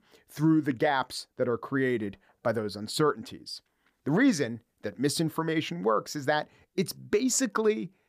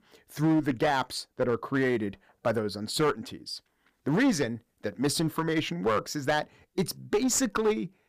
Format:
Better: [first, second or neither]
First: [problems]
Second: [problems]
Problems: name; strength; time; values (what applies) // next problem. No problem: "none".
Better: first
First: none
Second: distortion; slight; 7% of the sound clipped